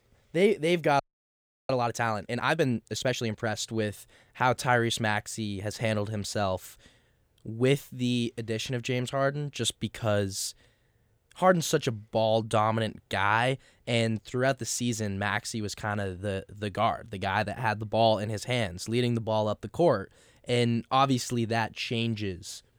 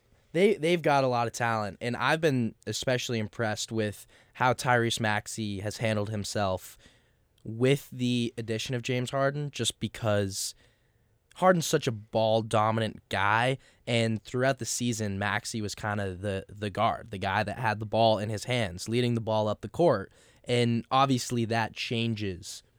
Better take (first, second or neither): second